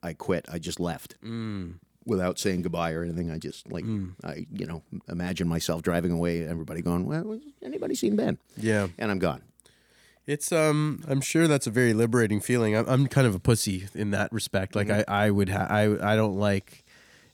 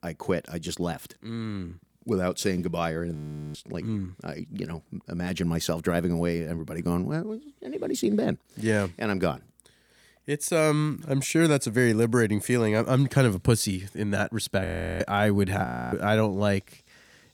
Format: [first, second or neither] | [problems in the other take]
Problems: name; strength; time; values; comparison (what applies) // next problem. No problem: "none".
first | audio freezing; at 3 s, at 15 s and at 16 s